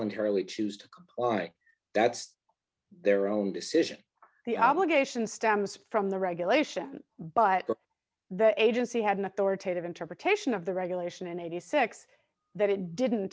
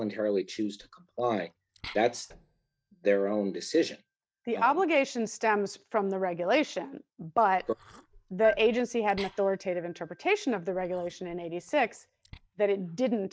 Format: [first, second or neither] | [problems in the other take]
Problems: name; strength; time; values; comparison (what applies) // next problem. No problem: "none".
first | noise reduction (neural mask model DeepFilterNet 3)